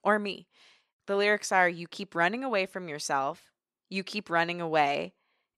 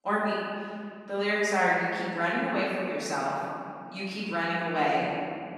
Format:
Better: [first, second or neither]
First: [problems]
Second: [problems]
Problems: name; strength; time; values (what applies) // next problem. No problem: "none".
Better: first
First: none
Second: off-mic speech; far // room echo; strong; dies away in 2.4 s